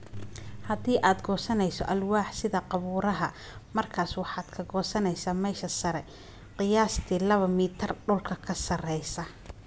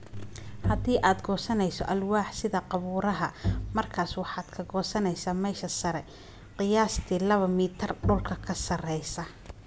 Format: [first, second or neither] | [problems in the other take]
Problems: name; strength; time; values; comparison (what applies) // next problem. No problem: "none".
first | background sound (Bowed string instrument); 6 dB below the speech